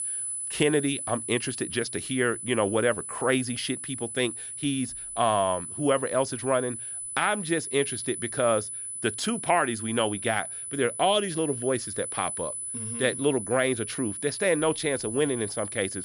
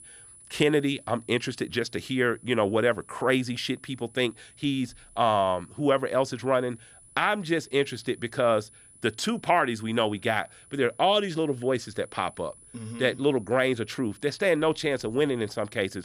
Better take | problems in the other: second | high-pitched whine; loud; throughout; 10 kHz, 6 dB below the speech; faint in the second

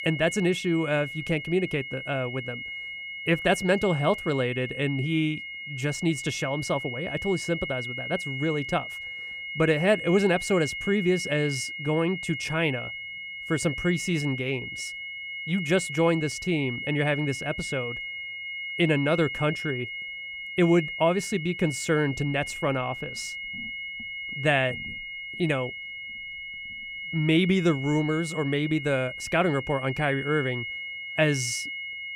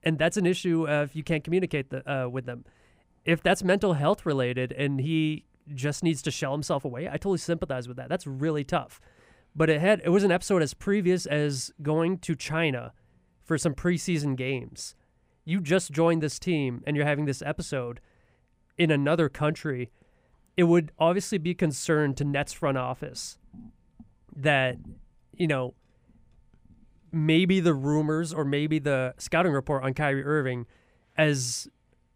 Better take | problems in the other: second | high-pitched whine; loud; throughout; 2 kHz, 7 dB below the speech

